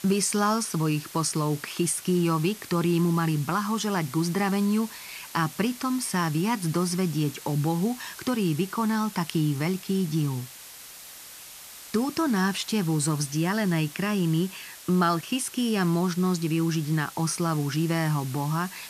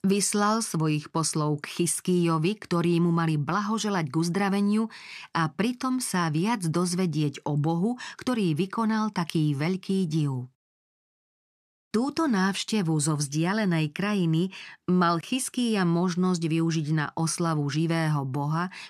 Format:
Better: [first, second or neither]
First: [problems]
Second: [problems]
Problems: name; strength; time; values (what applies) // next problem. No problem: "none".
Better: second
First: hiss; noticeable; throughout; 15 dB below the speech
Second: none